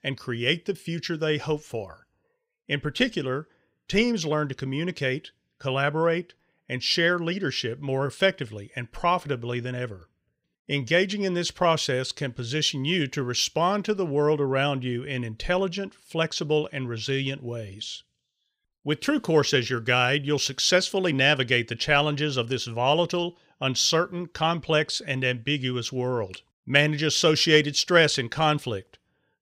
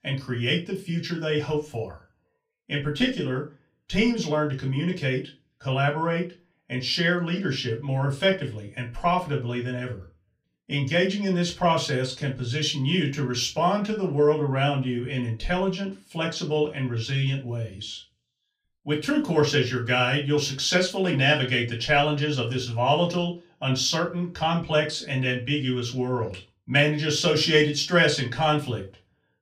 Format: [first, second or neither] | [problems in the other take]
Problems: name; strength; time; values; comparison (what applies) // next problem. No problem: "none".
first | off-mic speech; far // room echo; very slight; dies away in 0.2 s